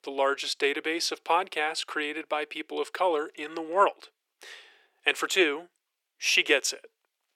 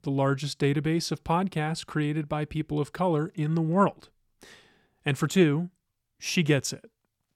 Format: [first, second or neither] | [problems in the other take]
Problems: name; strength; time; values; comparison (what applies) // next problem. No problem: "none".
second | thin; very; fading below 400 Hz